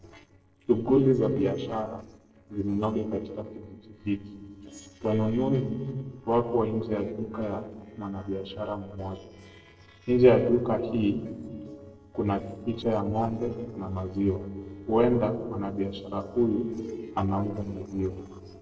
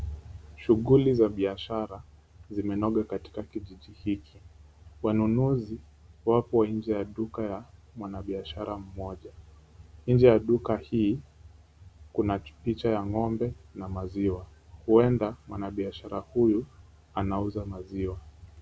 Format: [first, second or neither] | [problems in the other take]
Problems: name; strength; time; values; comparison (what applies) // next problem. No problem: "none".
second | noise reduction (neural separator model SepFormer DNS4)